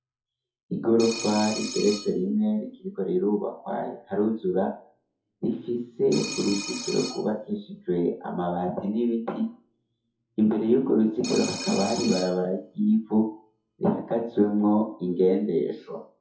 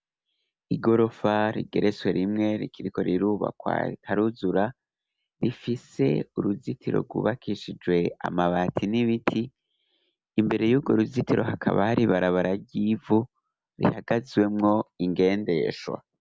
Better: second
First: noise reduction (classical method WPE with log-MMSE)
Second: none

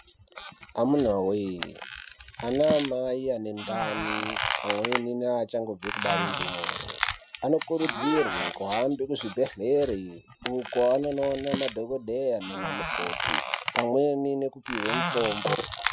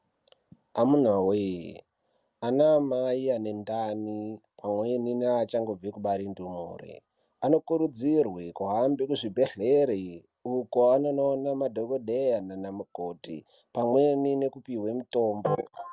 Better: second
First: background sound (Squeak); 5 dB below the speech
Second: none

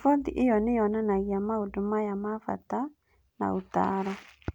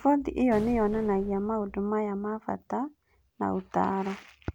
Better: first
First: none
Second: background sound (Explosion); 18 dB below the speech

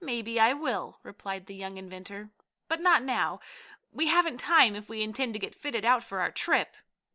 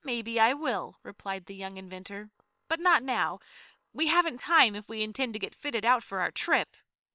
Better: first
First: none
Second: noise reduction (neural separator model SepFormer WHAM!)

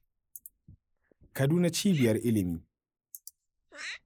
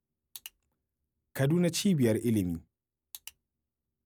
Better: second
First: noise reduction (neural mask model Resemble Enhance denoiser)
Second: none

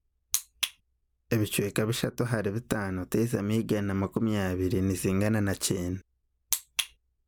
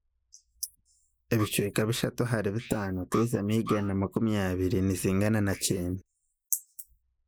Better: first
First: none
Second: noise reduction (neural mask model Resemble Enhance denoiser)

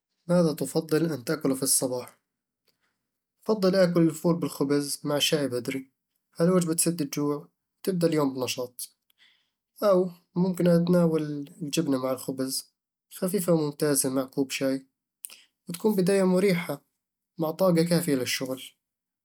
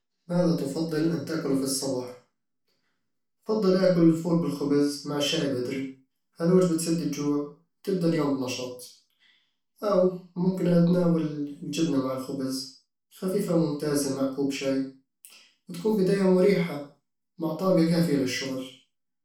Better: first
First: none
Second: room echo; dies away in 0.4 s

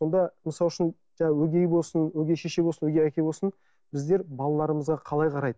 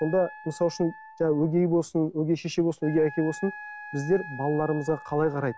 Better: first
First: none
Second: background sound (Wind instrument, woodwind instrument); 17 dB below the speech

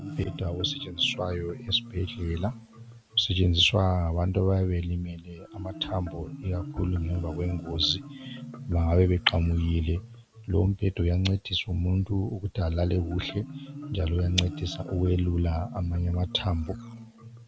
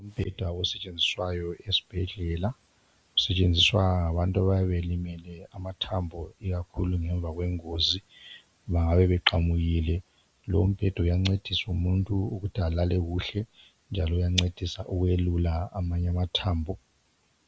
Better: second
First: background sound (Marimba, xylophone); 14 dB below the speech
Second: none

